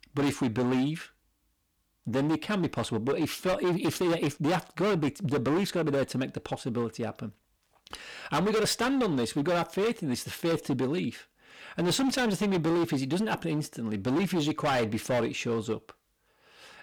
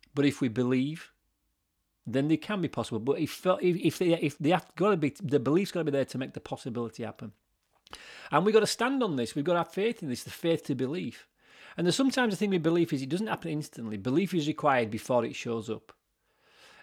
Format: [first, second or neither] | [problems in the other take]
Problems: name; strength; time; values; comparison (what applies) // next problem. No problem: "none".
second | distortion; heavy; 16% of the sound clipped